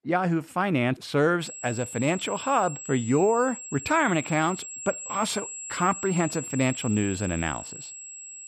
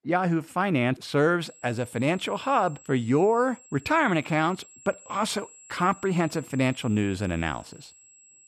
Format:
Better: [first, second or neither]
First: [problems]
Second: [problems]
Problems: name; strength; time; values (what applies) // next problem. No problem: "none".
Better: second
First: high-pitched whine; loud; from 1.5 s on; 7.5 kHz, 10 dB below the speech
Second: high-pitched whine; faint; from 1.5 s on; 7.5 kHz, 25 dB below the speech